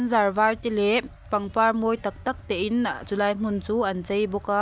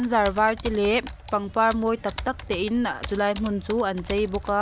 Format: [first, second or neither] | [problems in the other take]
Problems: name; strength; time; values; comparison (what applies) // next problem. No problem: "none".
first | background sound (Computer keyboard); 14 dB below the speech